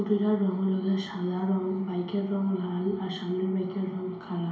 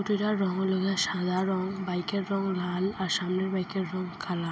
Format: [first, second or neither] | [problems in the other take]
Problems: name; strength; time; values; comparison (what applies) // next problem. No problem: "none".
second | room echo; dies away in 2.2 s